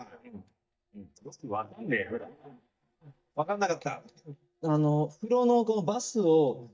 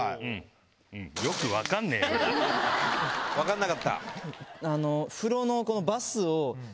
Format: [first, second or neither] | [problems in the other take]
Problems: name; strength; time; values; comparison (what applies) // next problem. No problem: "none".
second | noise reduction (neural mask model DeepFilterNet 3)